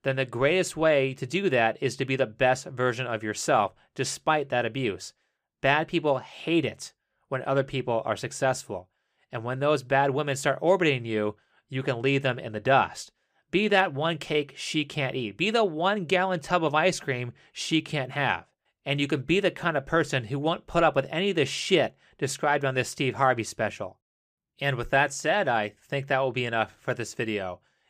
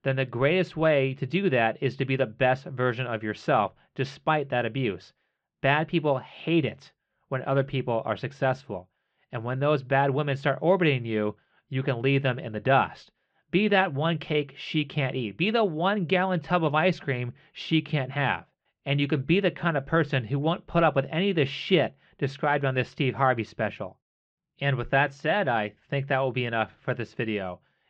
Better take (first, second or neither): first